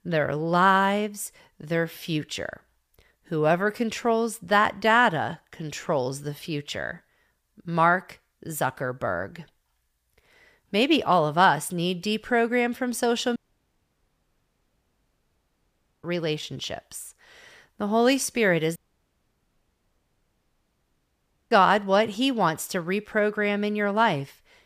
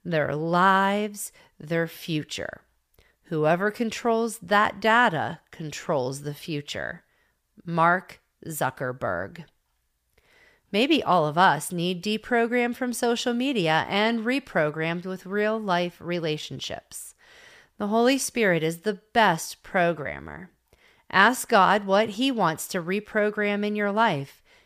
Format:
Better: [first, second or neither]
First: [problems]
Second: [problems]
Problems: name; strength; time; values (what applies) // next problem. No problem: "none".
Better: second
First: audio cutting out; at 13 s for 2.5 s and at 19 s for 3 s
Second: none